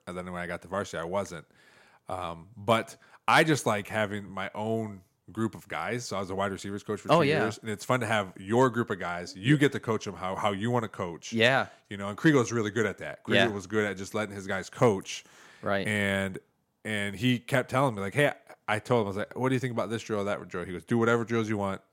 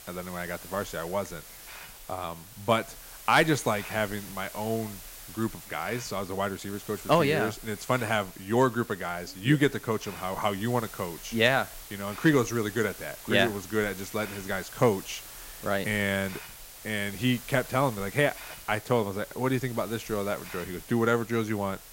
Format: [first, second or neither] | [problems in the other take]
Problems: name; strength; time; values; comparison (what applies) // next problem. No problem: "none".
first | hiss; noticeable; throughout; 15 dB below the speech